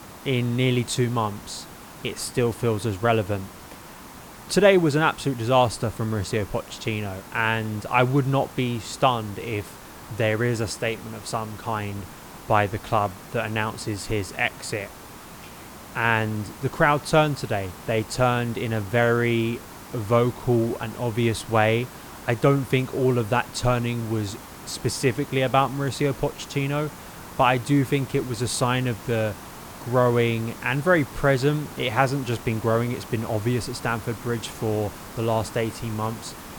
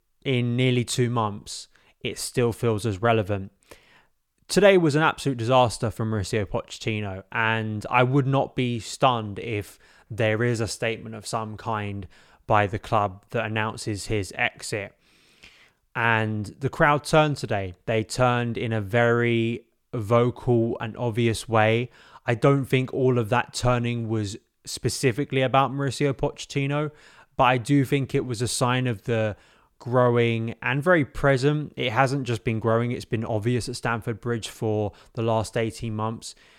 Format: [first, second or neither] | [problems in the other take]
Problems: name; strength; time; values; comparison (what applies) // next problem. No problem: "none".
second | hiss; noticeable; throughout; 15 dB below the speech